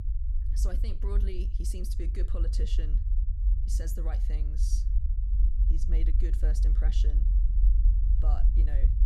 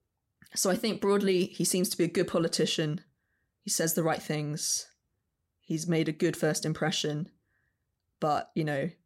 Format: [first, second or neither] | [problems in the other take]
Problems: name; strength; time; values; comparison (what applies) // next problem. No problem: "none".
second | low rumble; loud; throughout; 5 dB below the speech